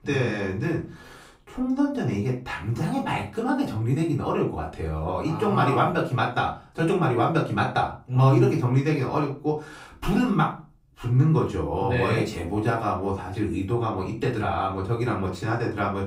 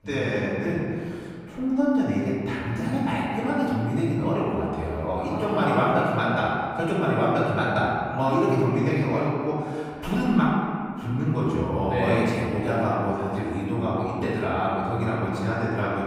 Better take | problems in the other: first | room echo; strong; dies away in 2.1 s; slight in the first // off-mic speech; far; far in the first

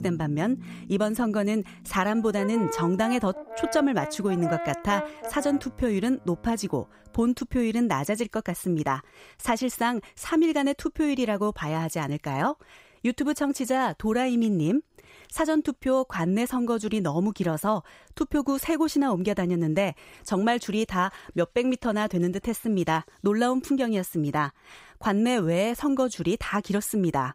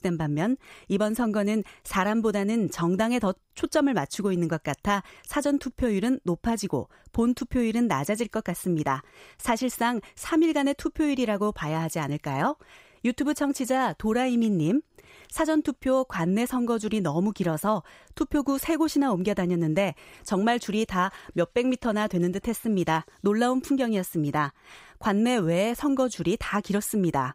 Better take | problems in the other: second | background music; loud; until 7 s; 9 dB below the speech

